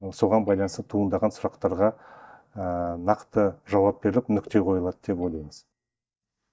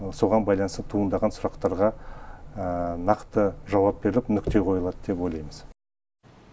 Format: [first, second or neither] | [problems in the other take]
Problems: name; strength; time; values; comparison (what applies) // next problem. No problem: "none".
second | noise reduction (neural mask model DeepFilterNet 3)